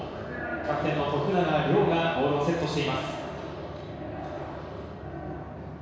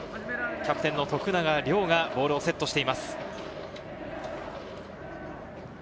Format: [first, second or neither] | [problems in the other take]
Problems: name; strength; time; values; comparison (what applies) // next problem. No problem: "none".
second | room echo; dies away in 1.1 s